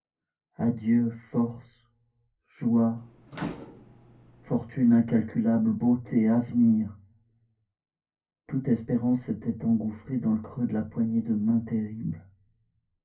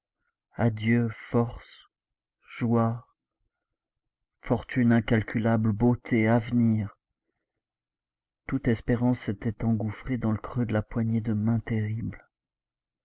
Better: second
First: background sound (Microwave oven); 17 dB below the speech // room echo; dies away in 0.3 s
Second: none

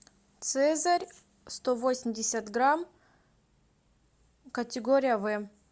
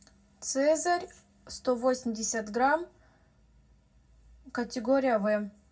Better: first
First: none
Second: room echo; dies away in 0.4 s

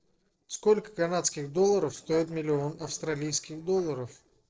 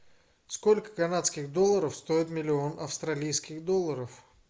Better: second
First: noise reduction (neural separator model SepFormer DNS4)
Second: none

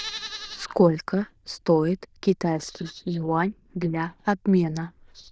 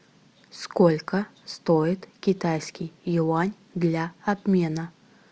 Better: second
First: noise reduction (neural diffusion model UNIVERSE++)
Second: none

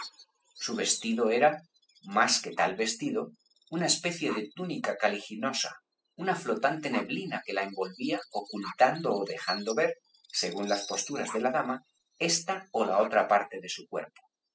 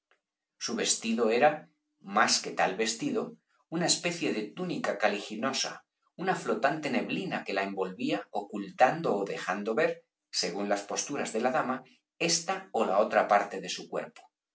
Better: second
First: noise reduction (classical method spectral subtraction)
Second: none

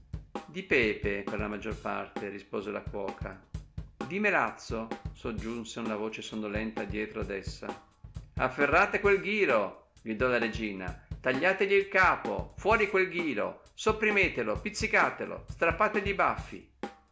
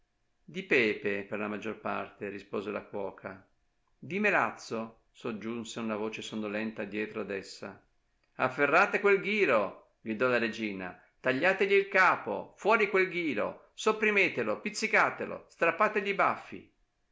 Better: second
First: background sound (Drum kit); 12 dB below the speech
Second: none

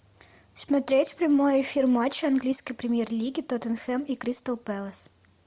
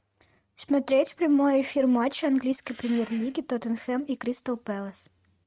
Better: first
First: none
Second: noise reduction (neural mask model RNNoise)

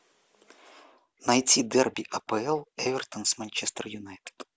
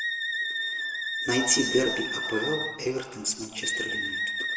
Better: first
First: none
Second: background sound (Wind instrument, woodwind instrument); 1 dB below the speech // room echo; dies away in 1.1 s

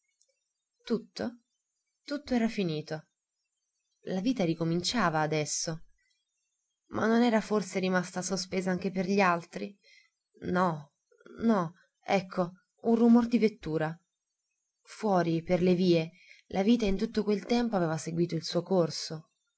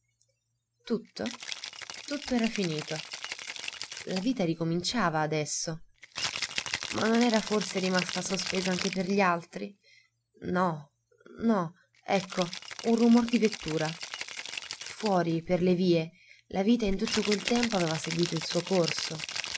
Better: first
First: none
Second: background sound (Rattle (instrument)); 10 dB below the speech

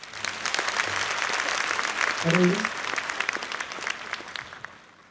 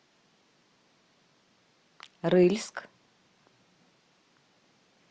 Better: second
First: background sound (Applause); 4 dB above the speech // room echo; dies away in 0.3 s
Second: none

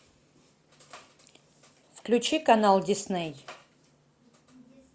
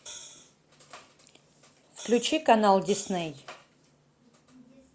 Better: first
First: none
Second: background sound (Hi-hat); 17 dB below the speech

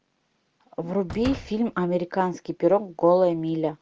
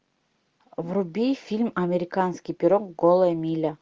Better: second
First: background sound (Slam); 16 dB below the speech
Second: none

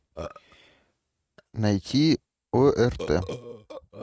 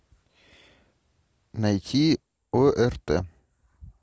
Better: second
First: noise reduction (neural mask model RNNoise)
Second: none

